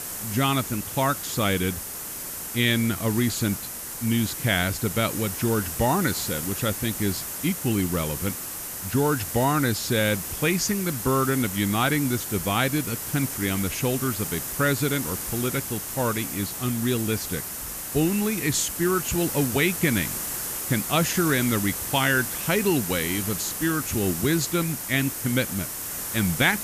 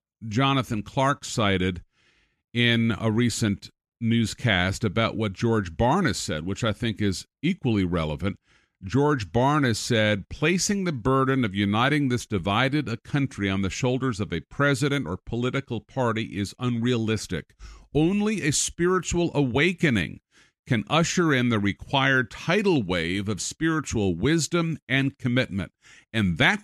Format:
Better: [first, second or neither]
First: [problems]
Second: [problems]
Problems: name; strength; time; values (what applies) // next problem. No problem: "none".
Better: second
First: hiss; loud; throughout; 4 dB below the speech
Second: none